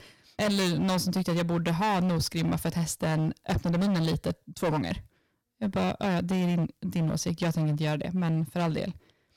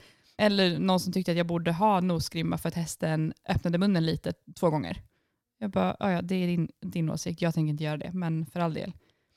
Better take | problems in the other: second | distortion; heavy; 20% of the sound clipped

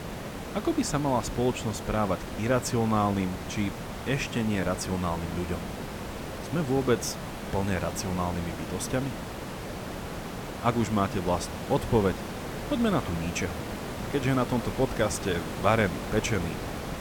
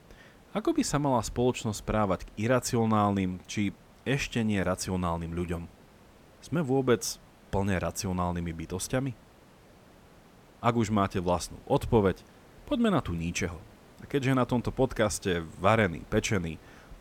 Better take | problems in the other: second | hiss; loud; throughout; 7 dB below the speech; faint in the second

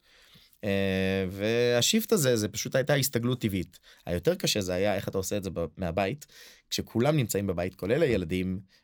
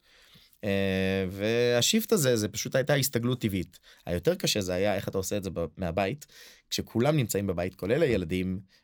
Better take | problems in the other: neither | none

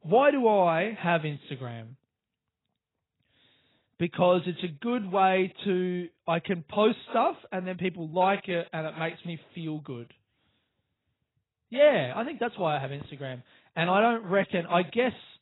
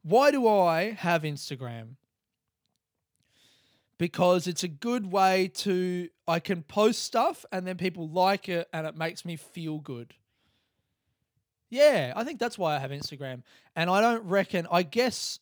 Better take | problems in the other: second | garbled, watery; badly; nothing above 4 kHz

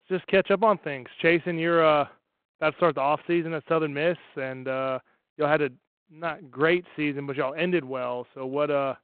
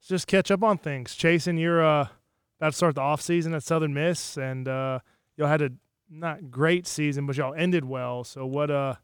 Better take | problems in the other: second | phone-call audio

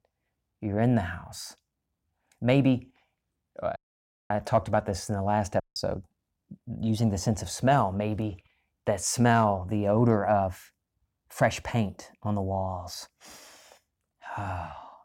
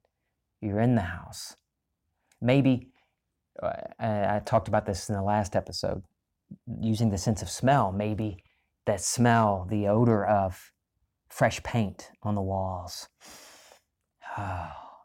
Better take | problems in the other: second | audio cutting out; at 4 s for 0.5 s and at 5.5 s

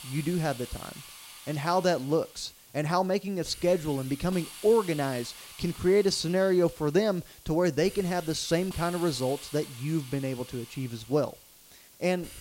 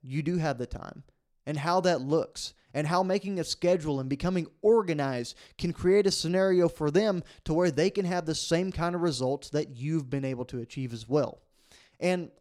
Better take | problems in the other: second | hiss; noticeable; throughout; 15 dB below the speech

